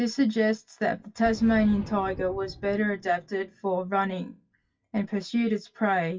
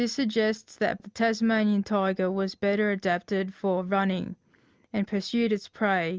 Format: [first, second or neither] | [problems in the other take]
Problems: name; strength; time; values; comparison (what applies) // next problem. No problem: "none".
second | noise reduction (classical method WPE with log-MMSE)